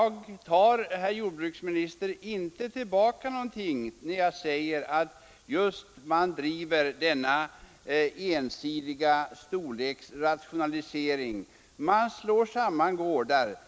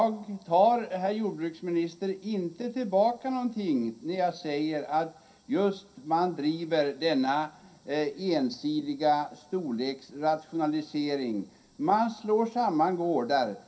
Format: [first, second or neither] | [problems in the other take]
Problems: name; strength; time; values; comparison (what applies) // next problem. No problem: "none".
first | room echo; dies away in 0.3 s